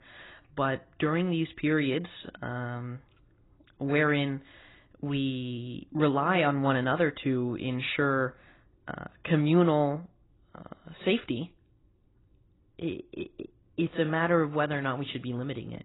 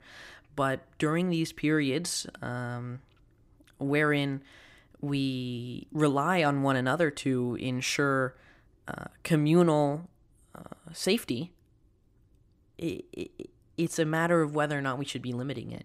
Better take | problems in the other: second | garbled, watery; badly; nothing above 4 kHz

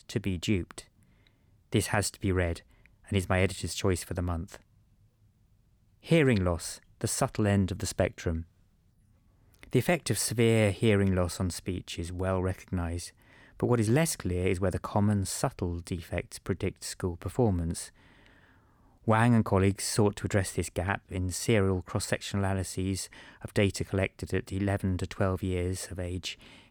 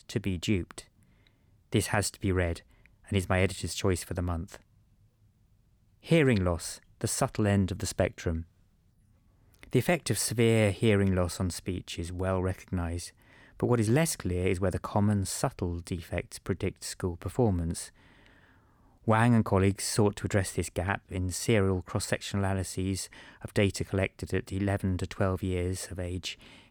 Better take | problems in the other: neither | none

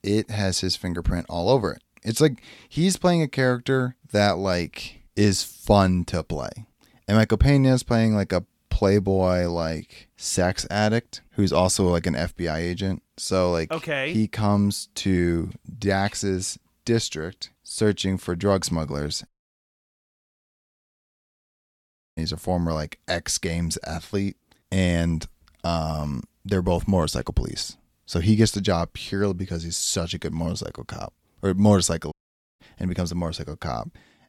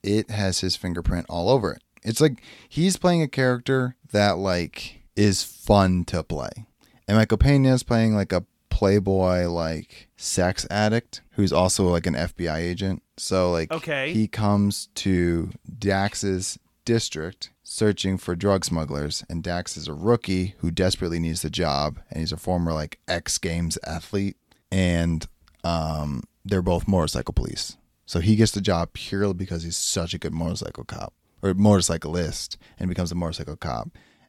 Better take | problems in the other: second | audio cutting out; at 19 s for 3 s and at 32 s

